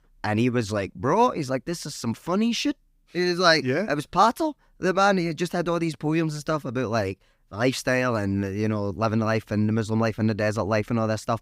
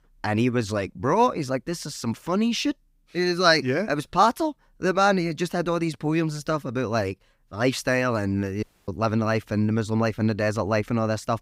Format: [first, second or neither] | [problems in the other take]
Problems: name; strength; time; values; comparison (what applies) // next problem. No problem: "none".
first | audio cutting out; at 8.5 s